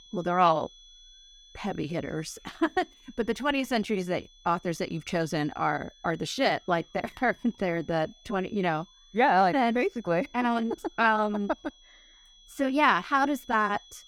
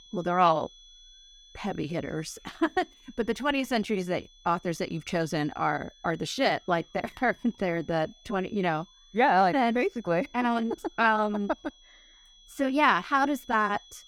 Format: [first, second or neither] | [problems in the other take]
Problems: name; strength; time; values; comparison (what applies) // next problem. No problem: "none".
neither | high-pitched whine; faint; throughout; 3.5 kHz, 25 dB below the speech; the same in both